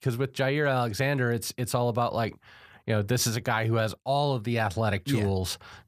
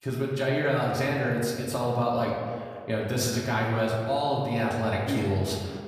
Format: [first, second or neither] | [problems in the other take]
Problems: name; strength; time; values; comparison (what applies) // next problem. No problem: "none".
first | room echo; noticeable; dies away in 1.8 s // off-mic speech; far